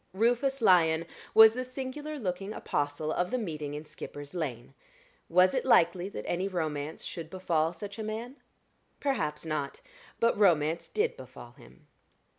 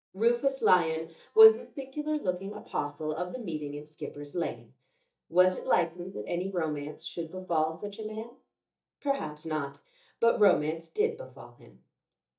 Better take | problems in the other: first | noise reduction (neural mask model DeepFilterNet 3)

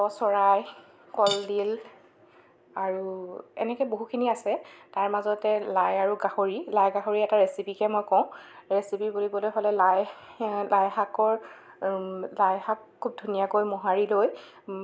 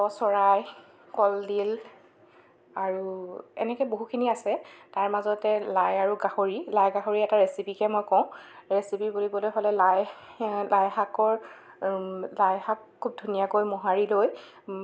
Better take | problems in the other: second | background sound (Cutlery, silverware / Dishes, pots, and pans); 14 dB below the speech

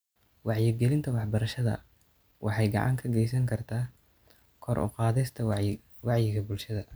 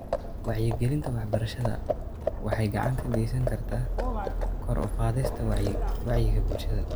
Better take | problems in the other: first | background sound (Livestock, farm animals, working animals); 1 dB above the speech

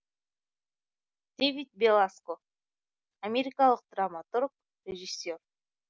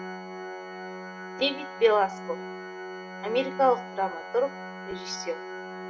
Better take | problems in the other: first | background sound (Organ); 9 dB below the speech // room echo; dies away in 0.4 s

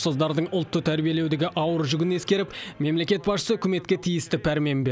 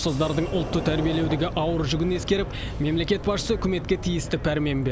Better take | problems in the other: first | background sound (Sliding door); 7 dB below the speech

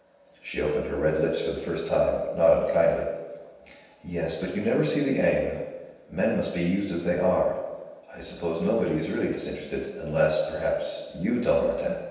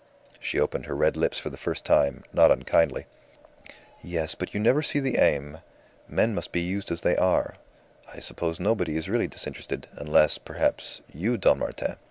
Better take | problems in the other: second | room echo; dies away in 1.2 s

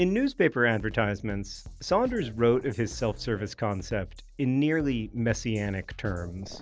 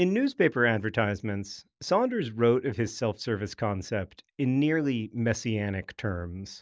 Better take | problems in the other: second | background sound (Drum kit); 16 dB below the speech

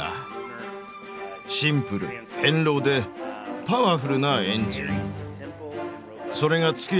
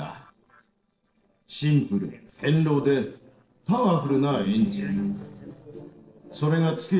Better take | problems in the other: first | noise reduction (neural separator model SepFormer DNS4)

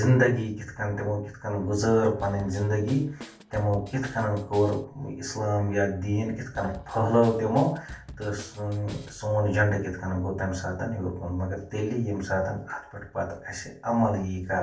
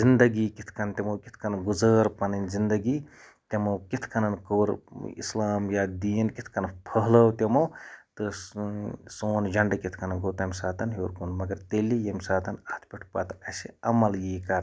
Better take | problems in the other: second | background sound (Drum kit); 18 dB below the speech // room echo; dies away in 0.3 s

